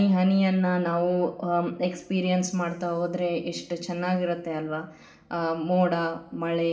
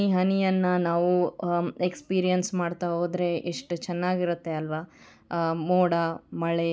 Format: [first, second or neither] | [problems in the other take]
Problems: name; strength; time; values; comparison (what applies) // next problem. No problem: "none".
second | room echo; dies away in 1.7 s